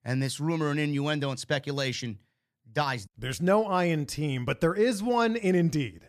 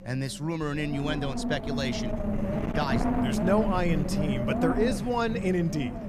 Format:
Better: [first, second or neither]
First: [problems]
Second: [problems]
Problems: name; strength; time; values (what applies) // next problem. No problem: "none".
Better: first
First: none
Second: wind noise on the microphone; heavy; 3 dB below the speech